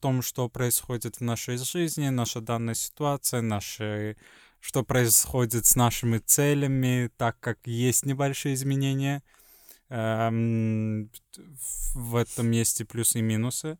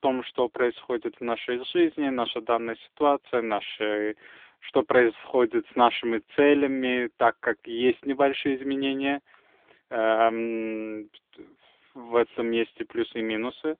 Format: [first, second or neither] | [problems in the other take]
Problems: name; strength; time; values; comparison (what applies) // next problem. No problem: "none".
first | phone-call audio; nothing above 3.5 kHz